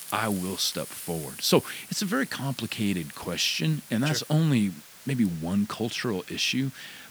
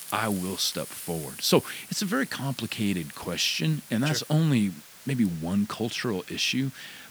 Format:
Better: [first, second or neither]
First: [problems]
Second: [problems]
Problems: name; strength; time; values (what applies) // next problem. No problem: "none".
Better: neither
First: hiss; noticeable; throughout; 15 dB below the speech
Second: hiss; noticeable; throughout; 15 dB below the speech